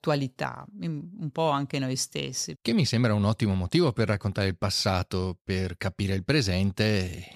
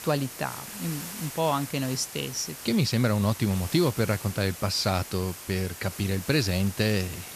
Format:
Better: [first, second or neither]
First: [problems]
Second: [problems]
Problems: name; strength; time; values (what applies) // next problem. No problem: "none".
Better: first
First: none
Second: hiss; noticeable; throughout; 10 dB below the speech